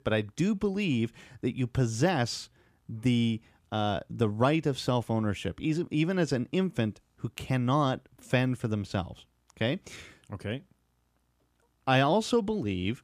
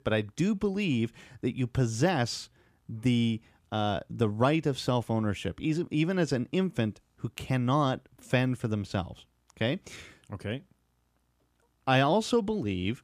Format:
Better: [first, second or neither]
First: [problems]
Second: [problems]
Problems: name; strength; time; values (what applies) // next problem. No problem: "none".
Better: neither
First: none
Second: none